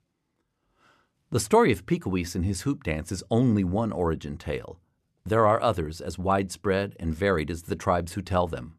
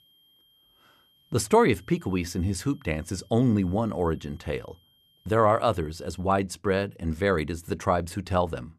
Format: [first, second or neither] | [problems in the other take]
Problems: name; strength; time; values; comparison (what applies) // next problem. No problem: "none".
first | high-pitched whine; faint; until 6 s; 3 kHz, 35 dB below the speech